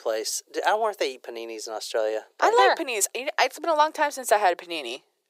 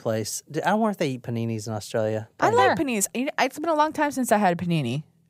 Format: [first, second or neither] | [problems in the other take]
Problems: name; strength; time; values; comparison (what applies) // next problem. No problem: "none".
second | thin; very; fading below 350 Hz